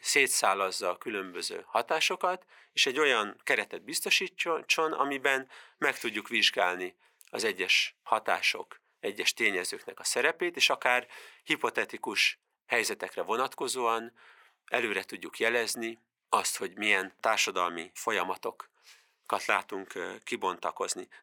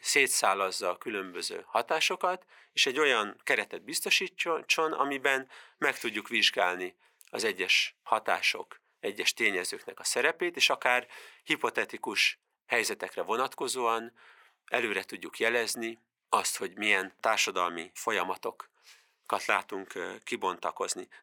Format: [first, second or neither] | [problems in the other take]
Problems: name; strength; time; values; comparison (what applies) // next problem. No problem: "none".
neither | thin; very; fading below 500 Hz; the same in both